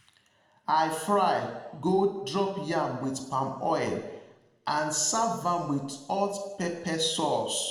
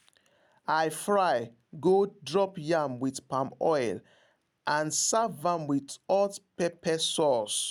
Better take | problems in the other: second | room echo; dies away in 0.9 s

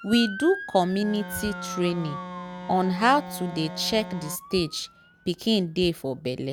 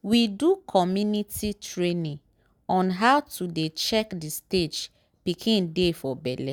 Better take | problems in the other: second | background sound (Organ + Motor vehicle (road) / Siren); 12 dB below the speech

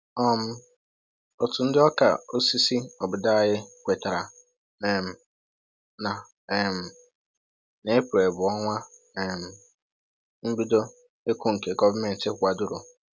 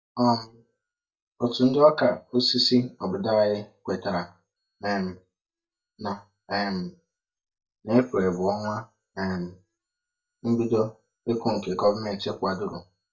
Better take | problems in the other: first | noise reduction (neural mask model DeepFilterNet 3)

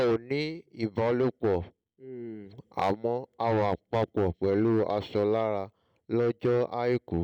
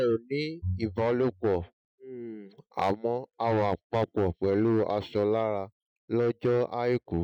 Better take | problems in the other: first | noise reduction (classical method Wiener filter)

